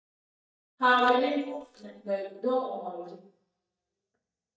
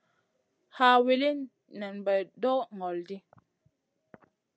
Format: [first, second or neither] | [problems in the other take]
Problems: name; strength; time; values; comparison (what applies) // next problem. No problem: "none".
second | noise reduction (neural mask model DeepFilterNet 3)